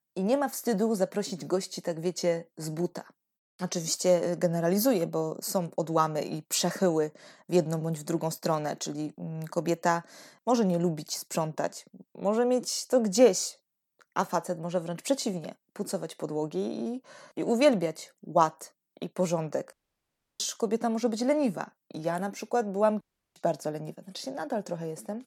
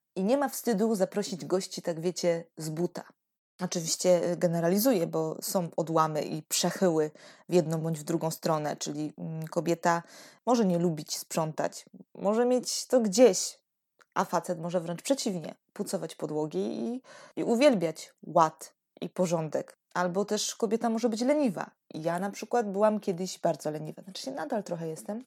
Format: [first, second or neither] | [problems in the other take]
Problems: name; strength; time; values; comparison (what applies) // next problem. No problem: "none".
second | audio cutting out; at 20 s for 0.5 s and at 23 s